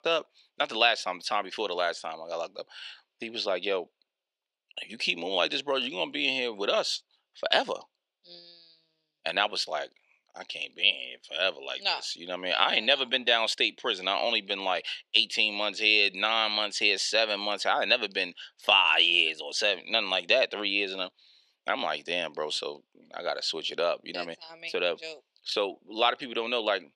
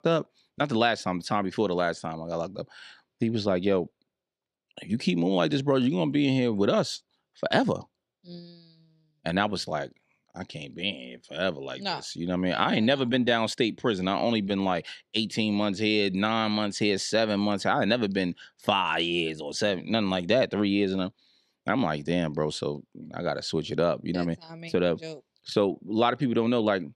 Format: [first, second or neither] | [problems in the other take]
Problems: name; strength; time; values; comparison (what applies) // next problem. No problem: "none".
second | thin; very; fading below 600 Hz